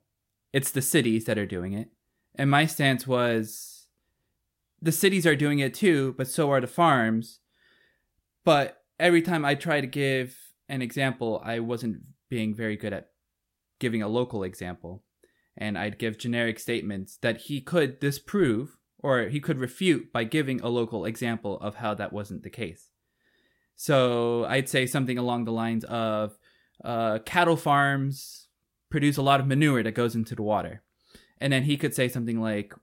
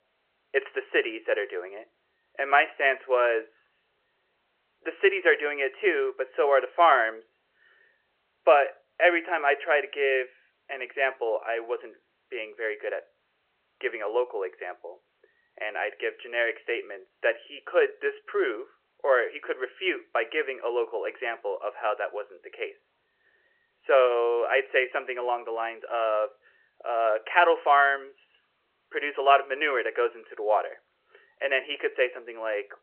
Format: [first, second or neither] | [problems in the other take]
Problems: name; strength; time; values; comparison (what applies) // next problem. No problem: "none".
first | phone-call audio